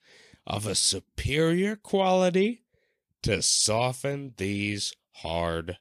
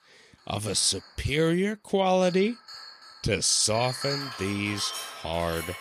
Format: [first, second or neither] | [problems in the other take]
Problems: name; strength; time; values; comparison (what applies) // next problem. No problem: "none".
first | household noises; noticeable; throughout; 10 dB below the speech